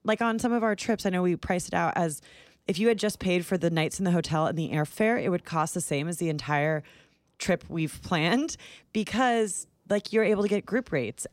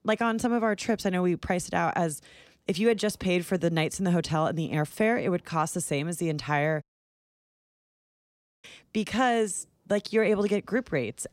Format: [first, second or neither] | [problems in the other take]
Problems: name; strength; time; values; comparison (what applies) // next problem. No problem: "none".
first | audio cutting out; at 7 s for 2 s